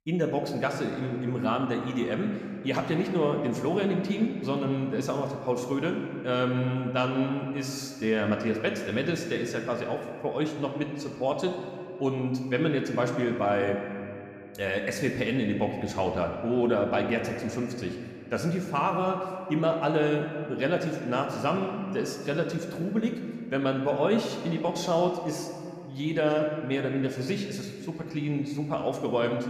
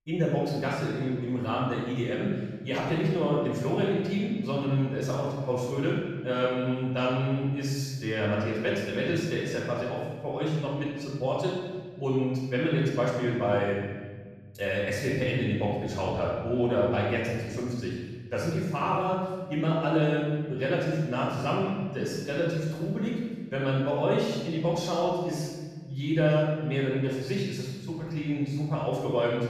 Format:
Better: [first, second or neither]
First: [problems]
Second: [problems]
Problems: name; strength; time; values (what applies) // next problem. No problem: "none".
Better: first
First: room echo; slight; dies away in 2 s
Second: room echo; strong; dies away in 1.6 s // off-mic speech; far